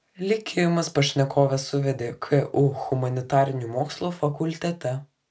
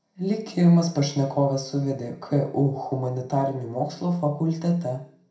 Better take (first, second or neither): first